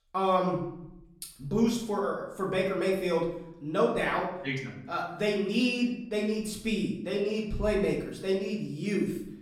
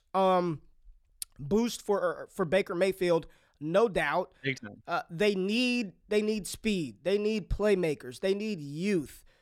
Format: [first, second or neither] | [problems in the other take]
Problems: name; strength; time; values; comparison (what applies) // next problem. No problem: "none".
second | room echo; noticeable; dies away in 0.7 s // off-mic speech; far